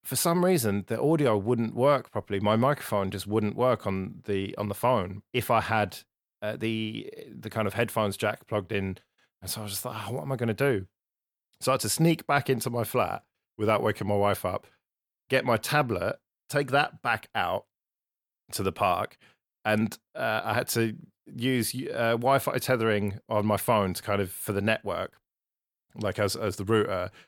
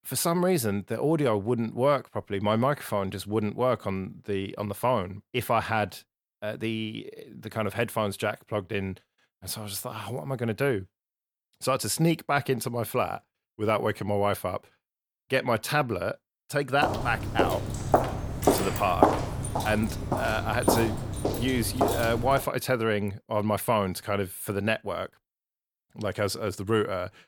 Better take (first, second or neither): first